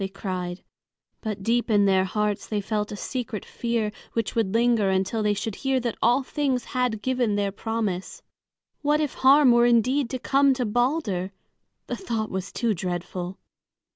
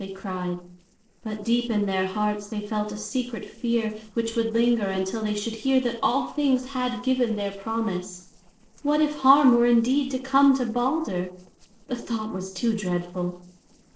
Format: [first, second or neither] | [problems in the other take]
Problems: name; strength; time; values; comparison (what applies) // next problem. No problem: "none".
first | noise reduction (neural separator model SepFormer DNS4)